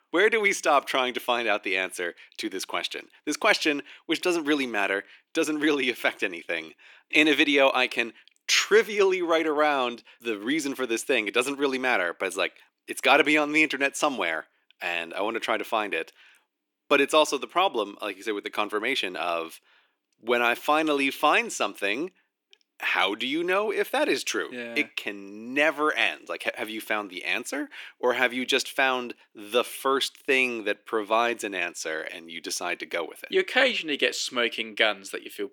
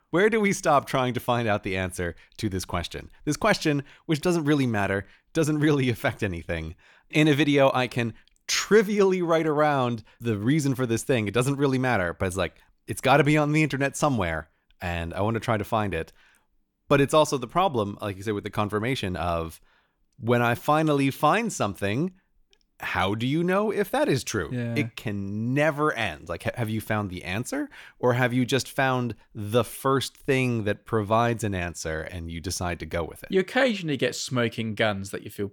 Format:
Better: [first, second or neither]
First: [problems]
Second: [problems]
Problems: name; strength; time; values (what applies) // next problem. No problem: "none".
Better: second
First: thin; somewhat; fading below 300 Hz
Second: none